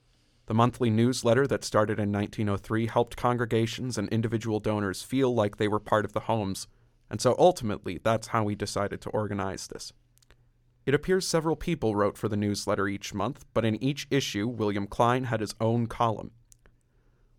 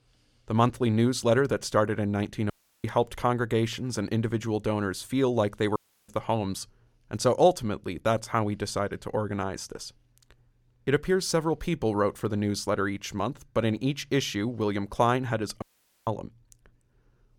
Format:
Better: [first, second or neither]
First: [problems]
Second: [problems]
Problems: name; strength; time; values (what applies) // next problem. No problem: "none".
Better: first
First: none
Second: audio cutting out; at 2.5 s, at 6 s and at 16 s